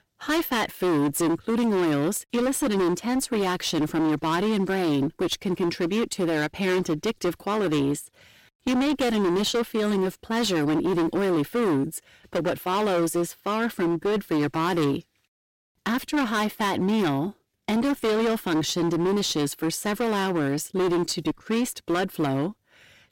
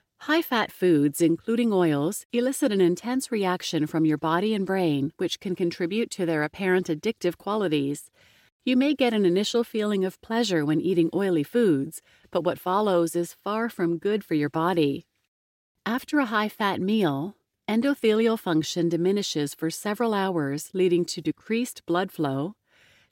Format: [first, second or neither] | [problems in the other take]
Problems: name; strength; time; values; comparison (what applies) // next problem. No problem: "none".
second | distortion; heavy; 26% of the sound clipped